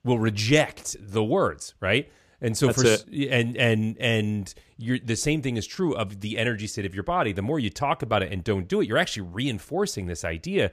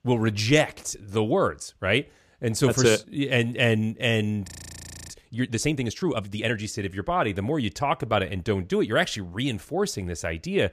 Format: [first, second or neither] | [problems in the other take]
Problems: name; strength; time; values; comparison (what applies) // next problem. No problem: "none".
first | audio freezing; at 4.5 s for 0.5 s